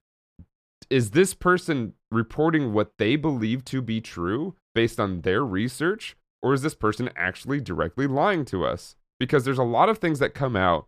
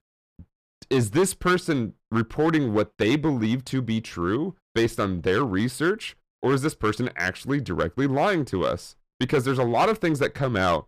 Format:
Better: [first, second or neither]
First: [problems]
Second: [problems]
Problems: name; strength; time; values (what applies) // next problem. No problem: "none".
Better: first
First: none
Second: distortion; slight; 5% of the sound clipped